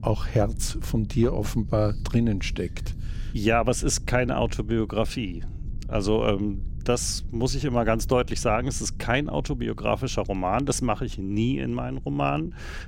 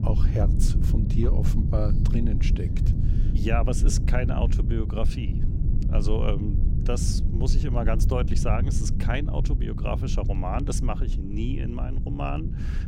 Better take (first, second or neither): first